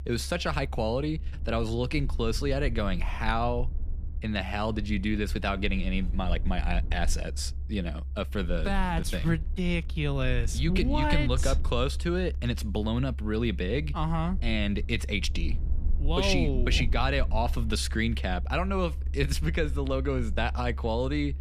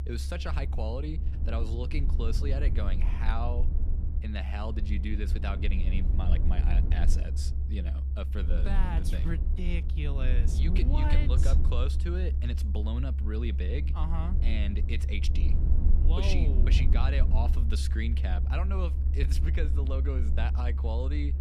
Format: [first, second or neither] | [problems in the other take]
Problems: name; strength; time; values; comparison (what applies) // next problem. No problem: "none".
first | low rumble; loud; throughout; 7 dB below the speech; faint in the first